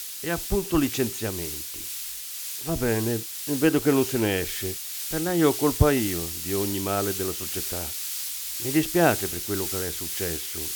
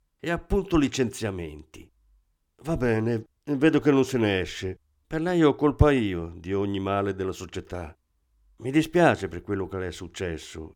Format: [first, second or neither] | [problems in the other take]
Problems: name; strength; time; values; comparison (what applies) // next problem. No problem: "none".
second | hiss; loud; throughout; 4 dB below the speech